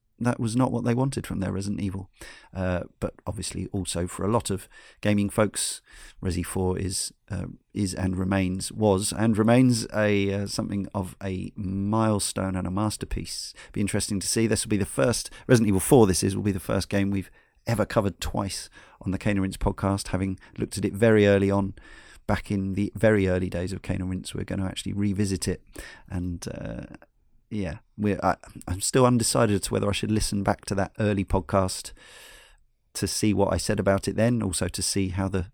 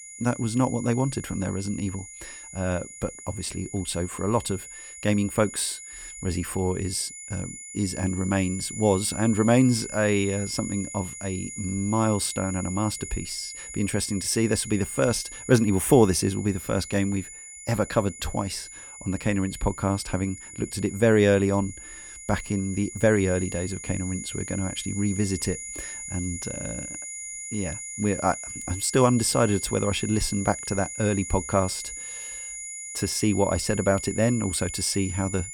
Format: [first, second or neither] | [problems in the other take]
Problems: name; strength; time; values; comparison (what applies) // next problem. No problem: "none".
first | high-pitched whine; loud; throughout; 7 kHz, 10 dB below the speech